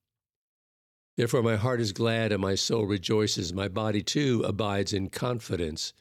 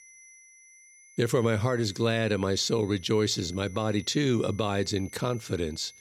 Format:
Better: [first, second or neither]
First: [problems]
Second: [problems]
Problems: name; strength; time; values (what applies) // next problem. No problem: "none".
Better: first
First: none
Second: high-pitched whine; faint; throughout; 6 kHz, 25 dB below the speech